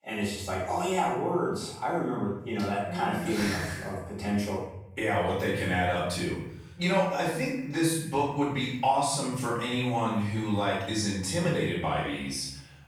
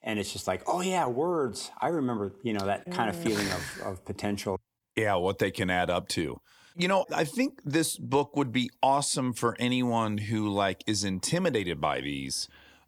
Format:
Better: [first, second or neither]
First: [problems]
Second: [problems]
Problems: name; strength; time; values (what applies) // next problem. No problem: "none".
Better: second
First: room echo; noticeable; dies away in 0.8 s // off-mic speech; far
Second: none